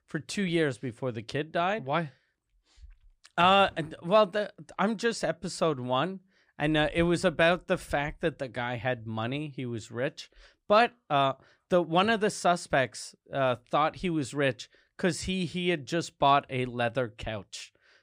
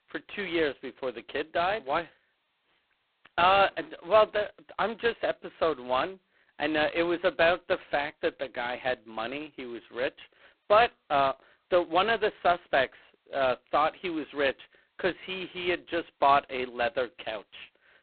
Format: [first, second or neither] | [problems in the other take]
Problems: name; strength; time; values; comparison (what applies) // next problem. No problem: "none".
first | phone-call audio; poor line; nothing above 4 kHz